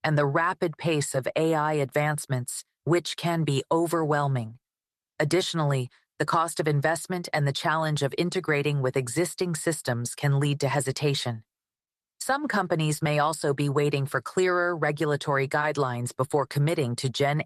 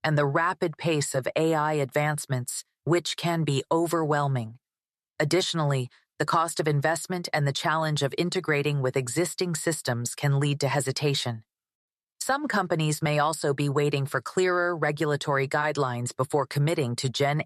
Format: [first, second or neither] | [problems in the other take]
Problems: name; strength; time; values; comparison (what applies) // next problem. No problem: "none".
second | garbled, watery; slightly; nothing above 13.5 kHz